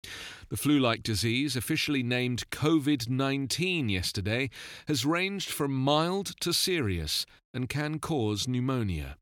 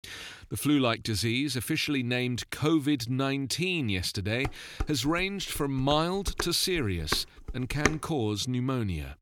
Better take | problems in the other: first | clattering dishes; noticeable; from 4.5 to 8 s; peak 1 dB below the speech

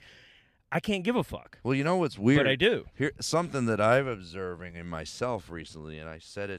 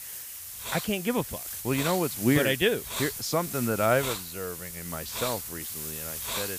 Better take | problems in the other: first | hiss; loud; throughout; 5 dB below the speech

